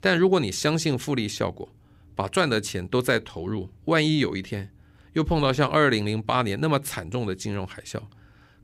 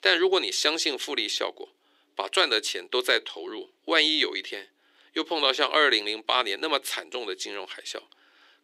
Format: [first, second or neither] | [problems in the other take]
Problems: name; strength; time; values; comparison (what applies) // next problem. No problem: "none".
first | thin; very; fading below 350 Hz